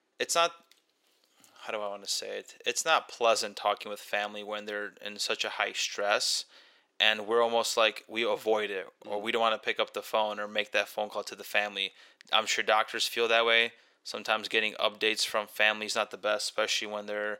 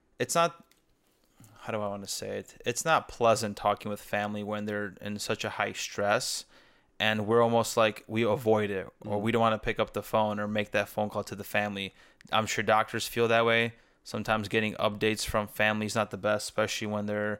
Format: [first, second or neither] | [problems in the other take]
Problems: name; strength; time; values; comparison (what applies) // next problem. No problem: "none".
second | thin; somewhat; fading below 400 Hz